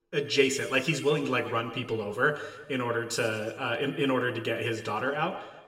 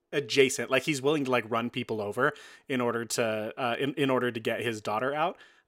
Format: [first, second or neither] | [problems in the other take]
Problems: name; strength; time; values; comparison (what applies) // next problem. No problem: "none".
second | room echo; noticeable; dies away in 1.2 s // off-mic speech; somewhat distant